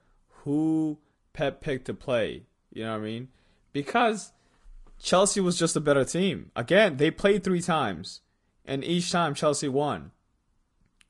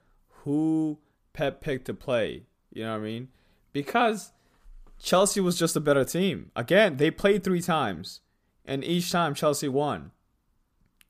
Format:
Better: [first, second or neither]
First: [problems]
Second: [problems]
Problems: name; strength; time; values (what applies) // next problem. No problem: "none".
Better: second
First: garbled, watery; slightly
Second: none